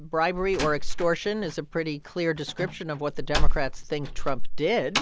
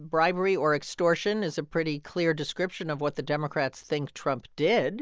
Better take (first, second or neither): second